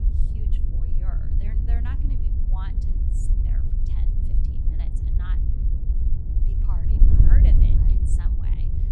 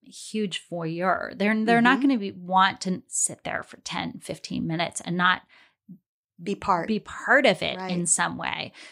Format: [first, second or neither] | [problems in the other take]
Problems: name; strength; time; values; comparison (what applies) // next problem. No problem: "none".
second | wind noise on the microphone; heavy; 4 dB above the speech